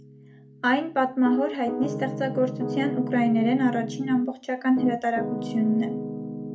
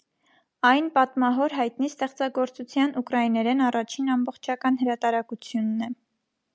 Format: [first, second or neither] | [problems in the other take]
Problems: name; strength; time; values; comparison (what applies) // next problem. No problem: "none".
second | background sound (Piano); 7 dB below the speech // room echo; dies away in 0.3 s